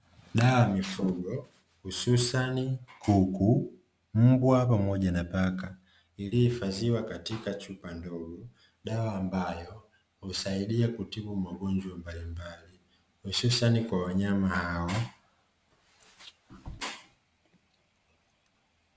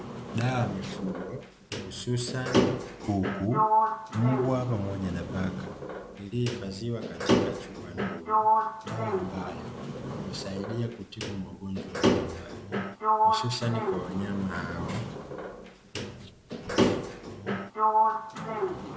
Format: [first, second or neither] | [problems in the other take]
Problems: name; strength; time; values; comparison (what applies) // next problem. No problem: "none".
first | background sound (Sliding door); 4 dB above the speech